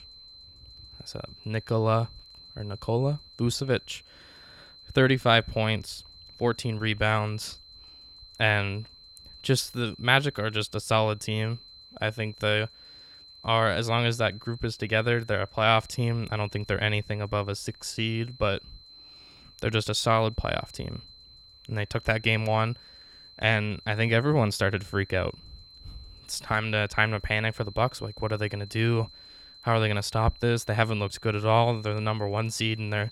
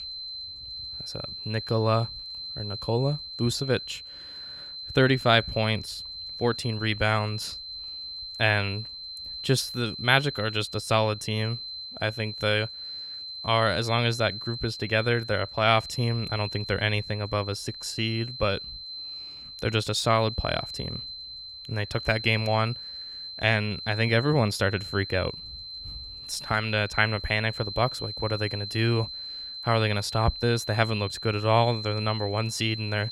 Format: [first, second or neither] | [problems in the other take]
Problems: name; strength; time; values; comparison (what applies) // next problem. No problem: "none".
first | high-pitched whine; loud; throughout; 4 kHz, 9 dB below the speech; faint in the first